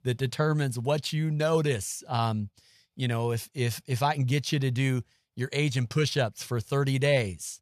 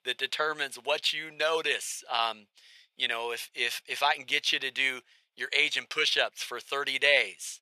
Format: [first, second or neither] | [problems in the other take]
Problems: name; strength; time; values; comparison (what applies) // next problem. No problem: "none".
first | thin; very; fading below 450 Hz